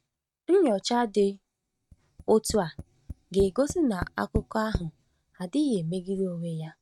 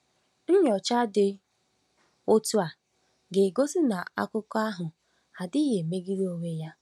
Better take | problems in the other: second | noise reduction (neural mask model RNNoise)

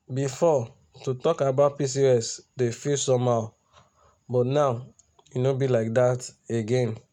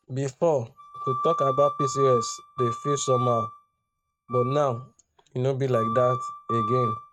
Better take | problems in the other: first | noise reduction (neural mask model RNNoise)

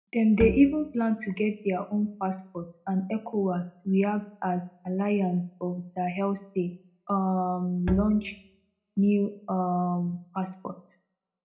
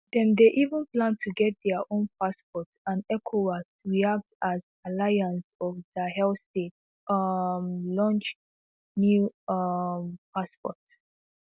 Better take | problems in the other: second | background sound (Bowed string instrument); 6 dB below the speech // room echo; dies away in 0.4 s

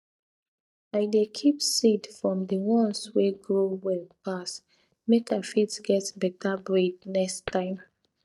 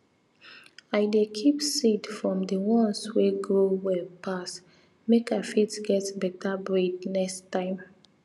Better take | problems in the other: second | noise reduction (neural mask model DeepFilterNet 3)

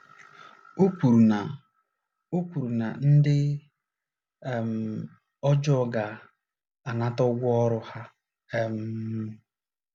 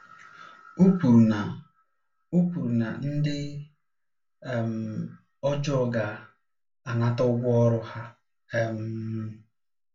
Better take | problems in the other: first | room echo; dies away in 0.2 s

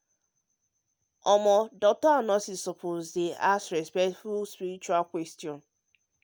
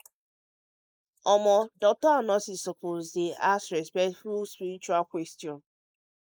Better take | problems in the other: first | noise reduction (neural mask model Resemble Enhance denoiser)

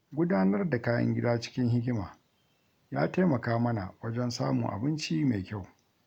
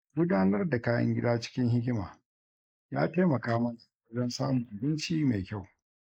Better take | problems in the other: first | noise reduction (neural mask model Resemble Enhance denoiser)

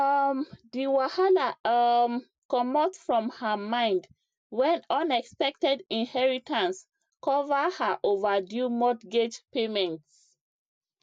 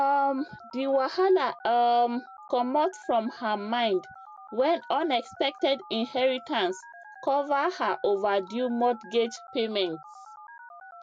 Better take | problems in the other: first | background sound (Telephone); 20 dB below the speech

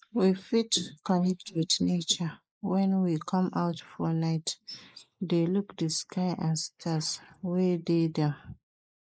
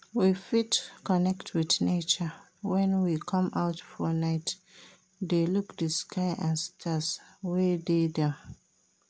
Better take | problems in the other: second | noise reduction (neural mask model Resemble Enhance denoiser)

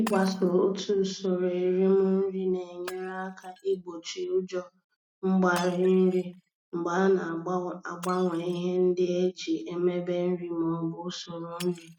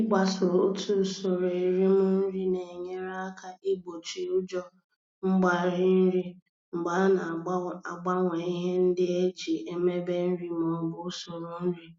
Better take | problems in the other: second | noise reduction (neural mask model RNNoise)

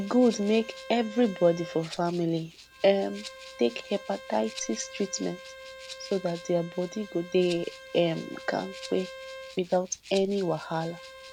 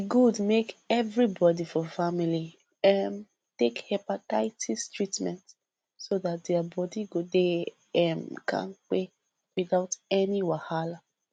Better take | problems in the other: second | background sound (Bowed string instrument + Rattle (instrument)); 16 dB below the speech

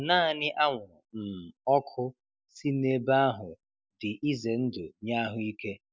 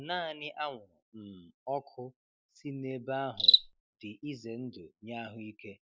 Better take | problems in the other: first | background sound (Cricket); 4 dB above the speech

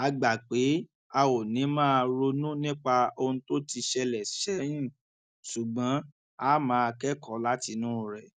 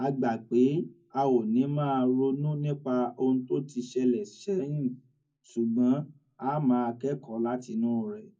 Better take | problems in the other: first | room echo; dies away in 0.3 s

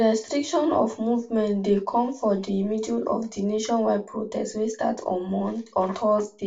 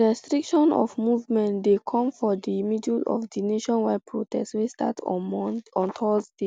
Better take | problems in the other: second | room echo; dies away in 0.2 s

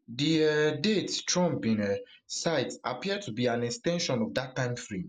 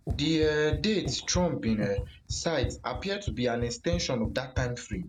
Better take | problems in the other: first | background sound (Run + Breathing); 7 dB below the speech

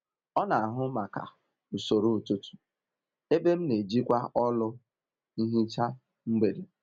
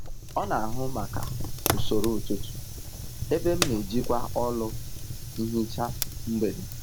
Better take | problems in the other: first | background sound (Fire); as loud as the speech

